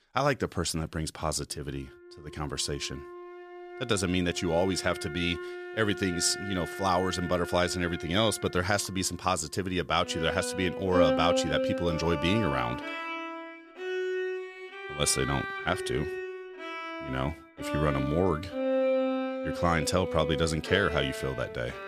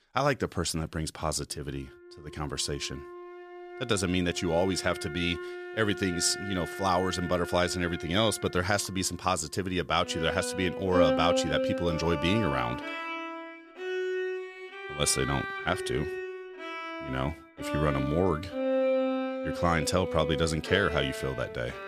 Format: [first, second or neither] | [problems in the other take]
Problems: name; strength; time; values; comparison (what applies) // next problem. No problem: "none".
neither | background music; loud; throughout; 5 dB below the speech; the same in both